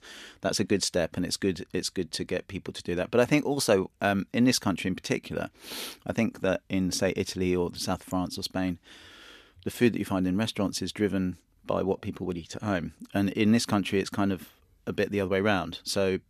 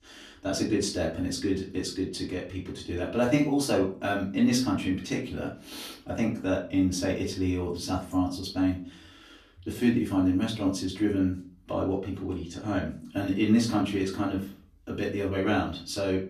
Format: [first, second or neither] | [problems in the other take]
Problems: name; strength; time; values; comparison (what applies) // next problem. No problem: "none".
first | off-mic speech; far // room echo; slight; dies away in 0.3 s